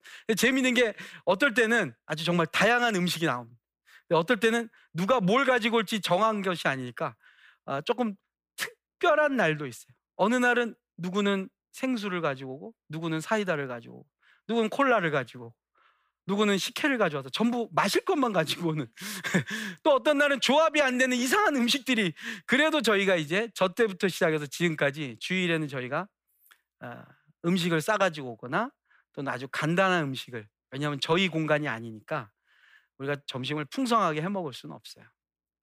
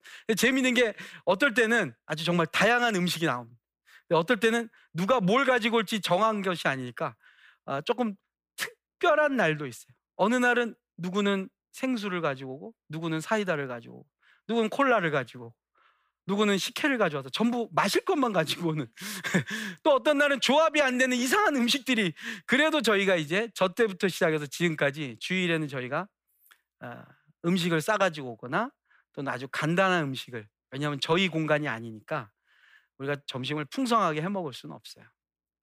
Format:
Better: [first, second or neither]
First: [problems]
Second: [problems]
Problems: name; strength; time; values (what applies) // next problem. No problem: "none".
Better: neither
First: none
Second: none